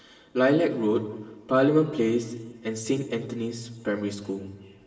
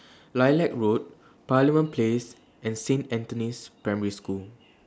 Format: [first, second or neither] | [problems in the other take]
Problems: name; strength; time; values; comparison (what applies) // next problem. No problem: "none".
second | room echo; dies away in 1.3 s